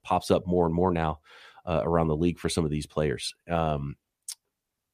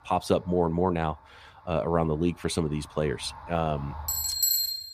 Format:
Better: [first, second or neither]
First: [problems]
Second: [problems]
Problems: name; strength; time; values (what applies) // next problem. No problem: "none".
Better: first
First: none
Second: traffic noise; very loud; throughout; 2 dB above the speech